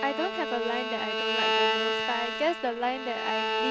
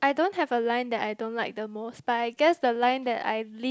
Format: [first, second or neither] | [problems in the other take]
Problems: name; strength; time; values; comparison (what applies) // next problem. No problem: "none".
second | background sound (Bowed string instrument); 2 dB above the speech